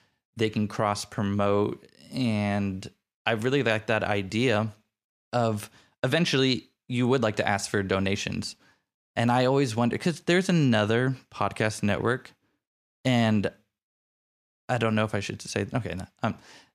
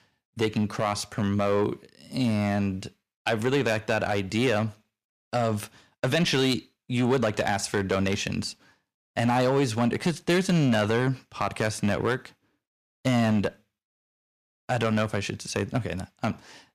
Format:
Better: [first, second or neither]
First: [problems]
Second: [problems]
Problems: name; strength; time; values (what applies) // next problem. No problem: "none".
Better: first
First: none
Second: distortion; slight; 5% of the sound clipped